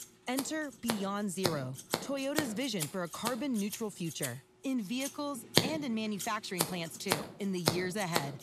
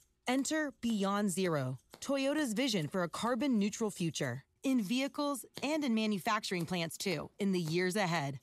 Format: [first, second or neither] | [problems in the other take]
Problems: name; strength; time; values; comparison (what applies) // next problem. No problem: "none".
second | household noises; loud; throughout; as loud as the speech; faint in the second